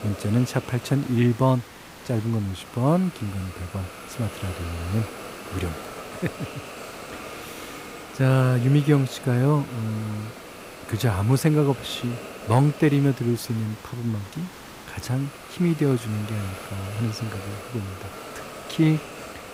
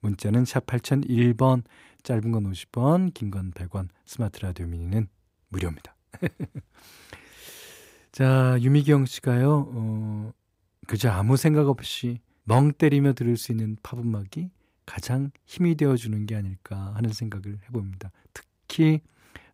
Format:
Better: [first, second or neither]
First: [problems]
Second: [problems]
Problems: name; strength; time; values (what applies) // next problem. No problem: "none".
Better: second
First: hiss; noticeable; throughout; 15 dB below the speech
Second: none